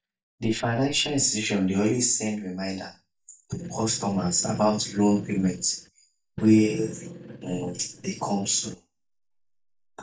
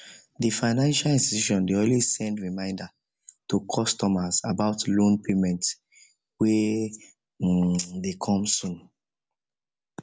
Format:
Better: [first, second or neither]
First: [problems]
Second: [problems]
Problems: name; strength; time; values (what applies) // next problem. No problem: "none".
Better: second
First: noise reduction (neural mask model DeepFilterNet 3)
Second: none